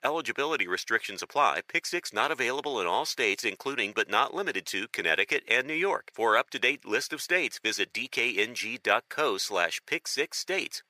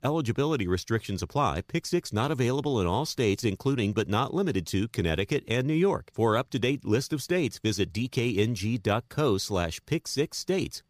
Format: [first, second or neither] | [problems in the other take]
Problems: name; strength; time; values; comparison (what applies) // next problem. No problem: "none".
second | thin; very; fading below 600 Hz